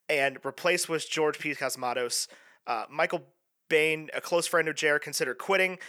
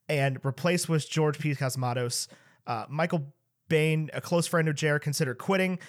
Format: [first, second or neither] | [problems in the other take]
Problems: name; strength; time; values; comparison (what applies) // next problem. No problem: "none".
second | thin; very; fading below 300 Hz